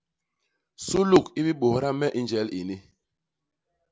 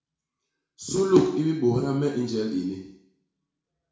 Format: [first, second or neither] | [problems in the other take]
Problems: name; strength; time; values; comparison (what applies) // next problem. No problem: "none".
first | room echo; dies away in 0.6 s